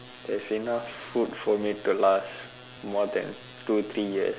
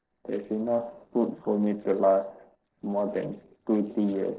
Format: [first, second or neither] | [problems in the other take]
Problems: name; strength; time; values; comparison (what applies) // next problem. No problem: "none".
first | noise reduction (neural separator model SepFormer DNS4)